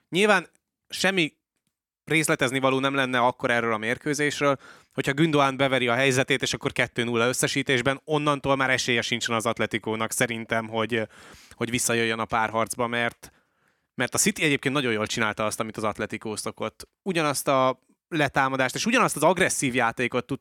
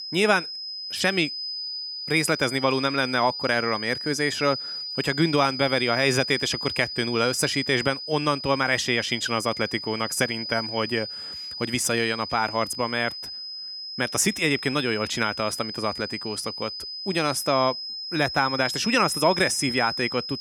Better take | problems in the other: first | high-pitched whine; loud; throughout; 5 kHz, 6 dB below the speech

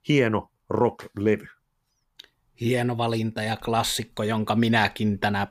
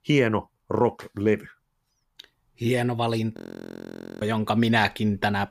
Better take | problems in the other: first | audio freezing; at 3.5 s for 1 s

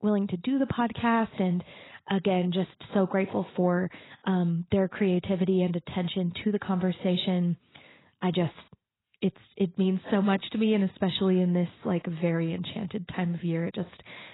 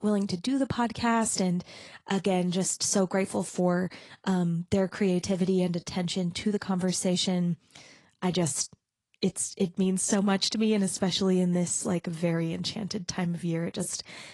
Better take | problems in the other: second | garbled, watery; badly; nothing above 4 kHz; slightly in the second

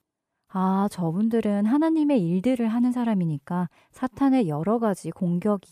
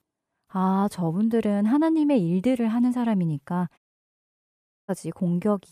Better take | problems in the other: first | audio cutting out; at 4 s for 1 s

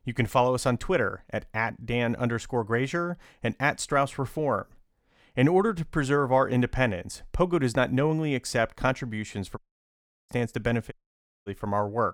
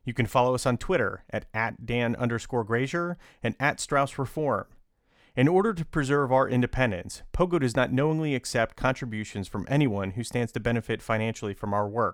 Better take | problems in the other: second | audio cutting out; at 9.5 s for 0.5 s and at 11 s for 0.5 s

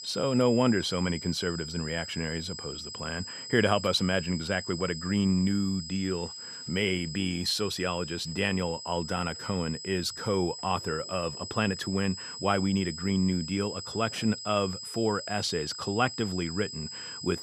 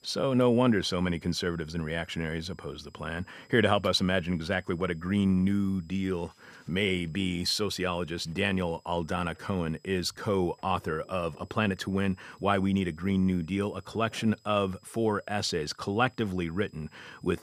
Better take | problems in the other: second | high-pitched whine; loud; throughout; 5 kHz, 9 dB below the speech; faint in the second

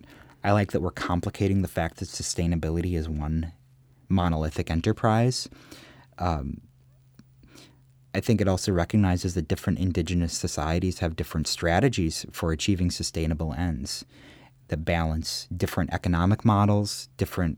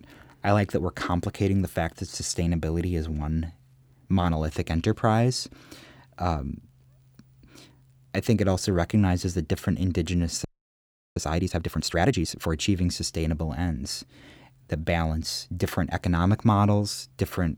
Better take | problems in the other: first | audio freezing; at 10 s for 0.5 s

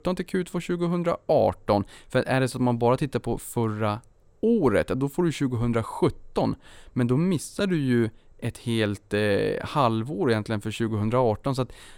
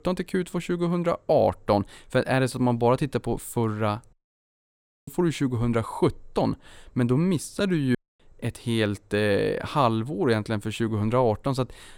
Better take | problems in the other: first | audio cutting out; at 4 s for 1 s and at 8 s

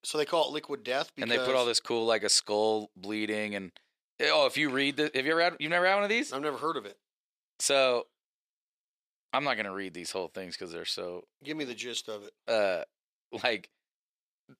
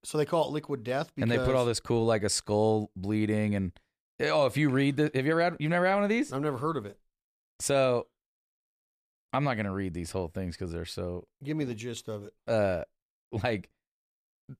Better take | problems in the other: second | thin; somewhat; fading below 350 Hz

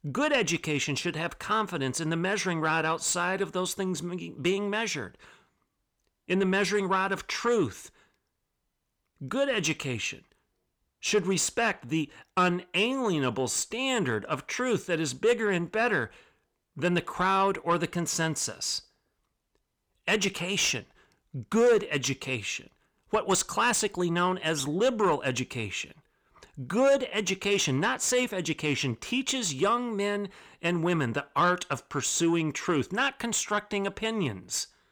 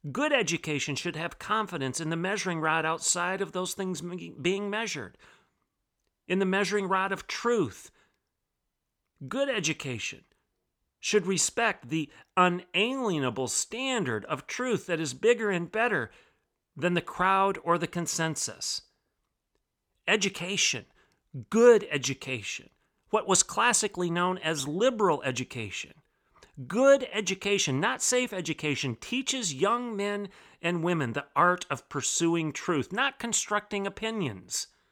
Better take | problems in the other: second | distortion; slight; 10 dB below the speech

